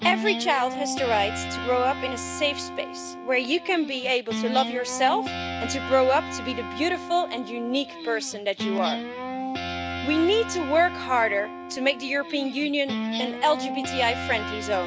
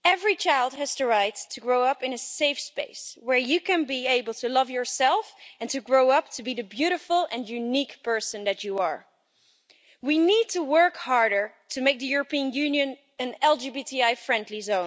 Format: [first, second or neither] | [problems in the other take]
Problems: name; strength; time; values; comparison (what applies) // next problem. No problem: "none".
second | background sound (Guitar); 6 dB below the speech